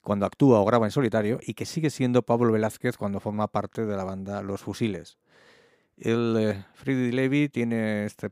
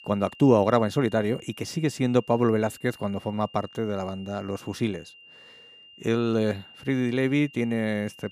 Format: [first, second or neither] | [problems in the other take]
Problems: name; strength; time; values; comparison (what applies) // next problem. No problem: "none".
first | high-pitched whine; faint; throughout; 3 kHz, 20 dB below the speech